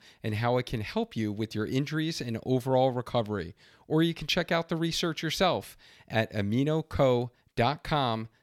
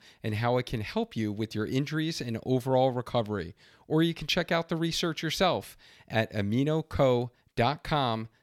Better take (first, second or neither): neither